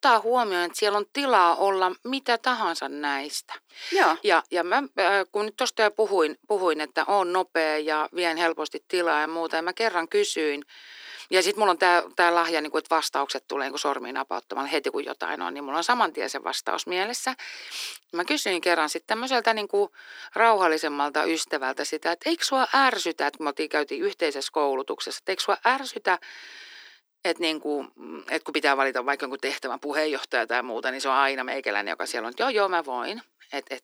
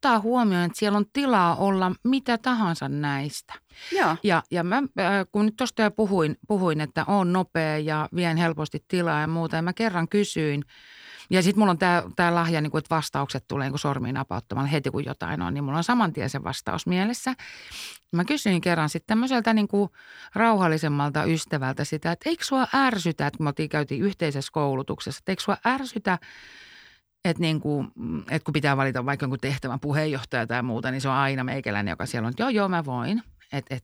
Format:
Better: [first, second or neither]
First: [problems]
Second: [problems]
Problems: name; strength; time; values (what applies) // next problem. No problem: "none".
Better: second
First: thin; very; fading below 300 Hz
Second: none